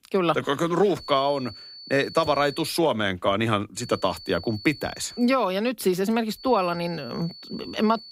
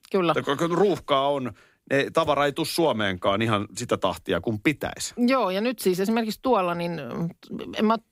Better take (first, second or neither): second